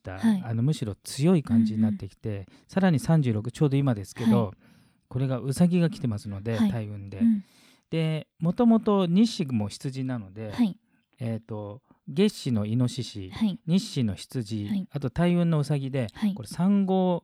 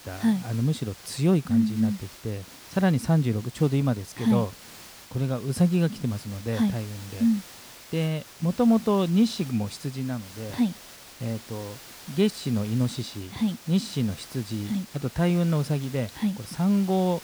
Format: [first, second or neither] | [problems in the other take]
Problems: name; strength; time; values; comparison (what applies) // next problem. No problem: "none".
first | hiss; noticeable; throughout; 20 dB below the speech